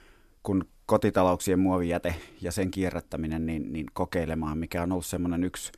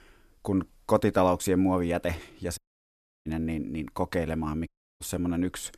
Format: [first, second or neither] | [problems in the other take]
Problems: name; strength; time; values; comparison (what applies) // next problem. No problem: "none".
first | audio cutting out; at 2.5 s for 0.5 s and at 4.5 s